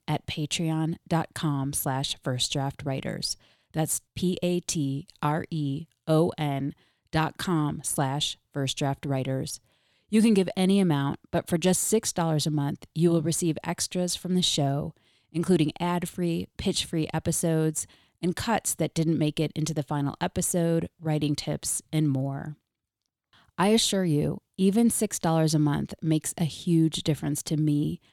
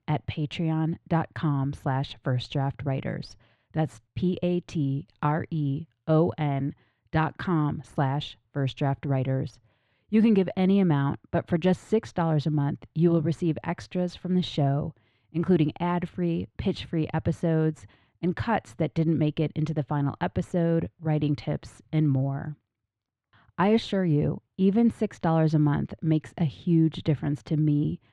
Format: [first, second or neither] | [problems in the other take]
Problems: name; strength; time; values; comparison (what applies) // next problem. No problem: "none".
first | muffled; very; fading above 2 kHz